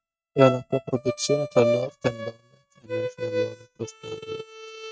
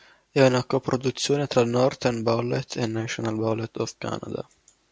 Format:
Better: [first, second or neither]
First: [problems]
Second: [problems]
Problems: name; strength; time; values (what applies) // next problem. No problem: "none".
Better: second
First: noise reduction (neural mask model RNNoise)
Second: none